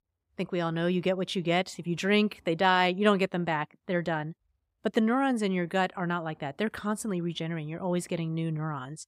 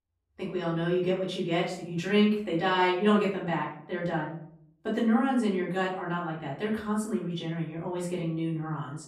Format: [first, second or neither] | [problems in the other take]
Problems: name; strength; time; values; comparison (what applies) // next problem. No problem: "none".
first | off-mic speech; far // room echo; noticeable; dies away in 0.5 s